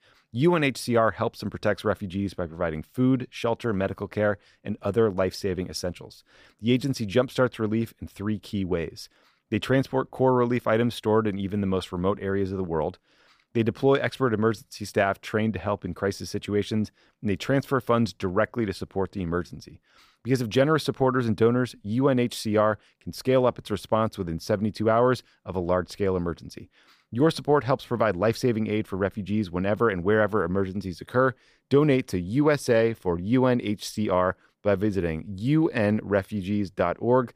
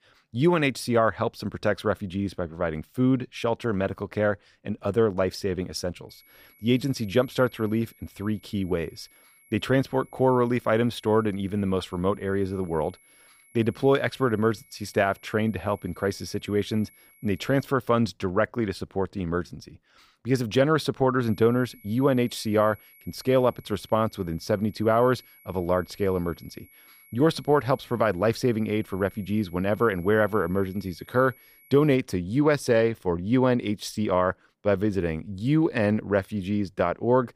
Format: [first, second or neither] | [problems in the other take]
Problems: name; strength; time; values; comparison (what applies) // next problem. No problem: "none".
first | high-pitched whine; faint; from 6 to 18 s and from 21 to 32 s; 2 kHz, 30 dB below the speech